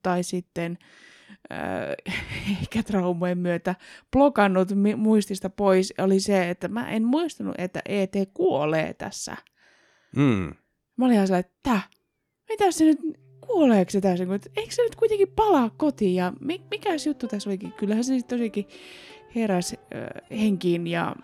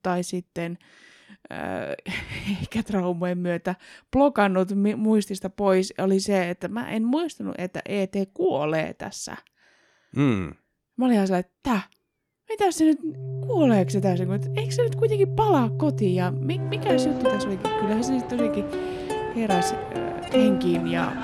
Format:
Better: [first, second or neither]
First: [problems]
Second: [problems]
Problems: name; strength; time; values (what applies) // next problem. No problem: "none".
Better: first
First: background music; faint; from 13 s on; 25 dB below the speech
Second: background music; loud; from 13 s on; 2 dB below the speech